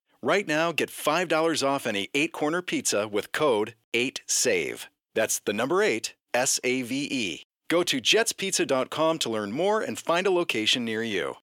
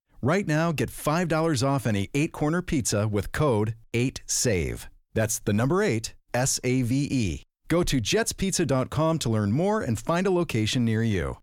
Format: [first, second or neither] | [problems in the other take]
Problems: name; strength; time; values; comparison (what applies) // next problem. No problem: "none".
second | thin; somewhat; fading below 400 Hz